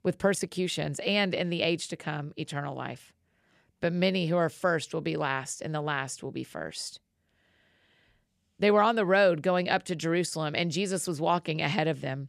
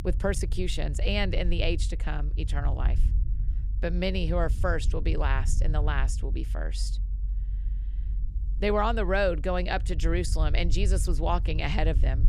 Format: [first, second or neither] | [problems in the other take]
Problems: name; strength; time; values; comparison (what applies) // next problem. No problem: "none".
first | low rumble; noticeable; throughout; 20 dB below the speech